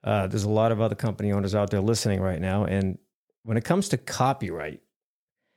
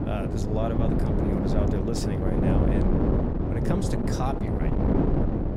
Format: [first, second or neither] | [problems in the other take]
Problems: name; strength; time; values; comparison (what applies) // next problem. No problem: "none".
first | wind noise on the microphone; heavy; 4 dB above the speech